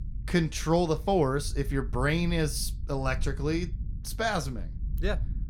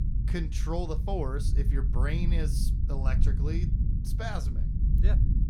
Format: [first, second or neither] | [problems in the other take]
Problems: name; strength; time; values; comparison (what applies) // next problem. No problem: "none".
first | low rumble; loud; throughout; 6 dB below the speech; faint in the first